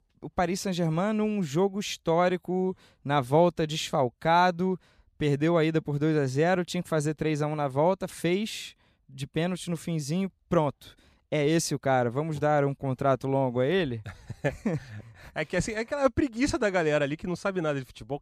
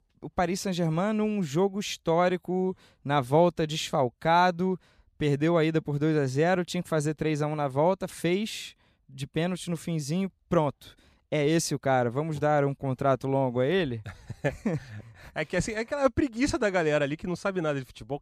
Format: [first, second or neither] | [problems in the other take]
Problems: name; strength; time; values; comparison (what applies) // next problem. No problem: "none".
neither | none